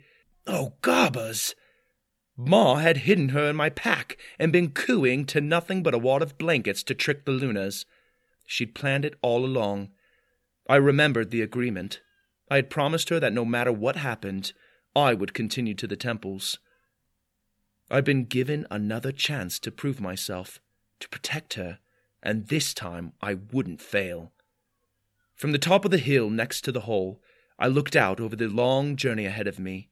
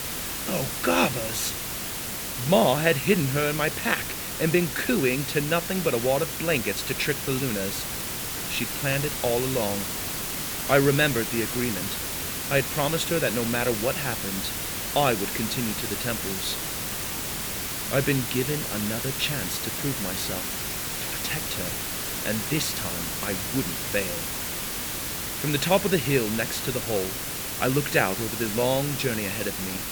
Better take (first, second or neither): first